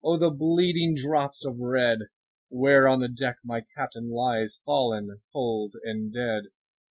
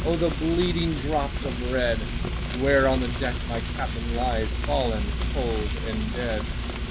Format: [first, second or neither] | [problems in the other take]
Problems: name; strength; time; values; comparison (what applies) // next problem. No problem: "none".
first | background sound (Frying (food)); 1 dB below the speech